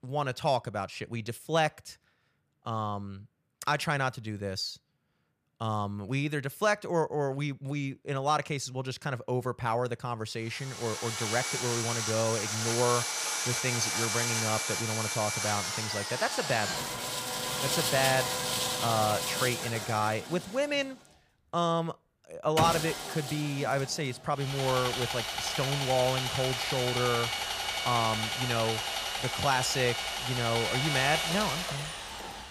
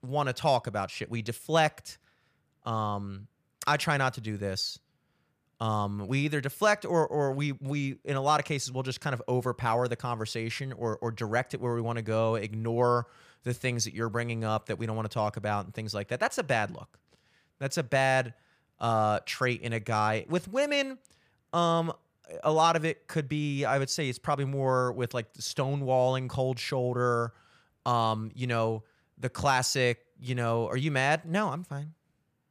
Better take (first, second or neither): second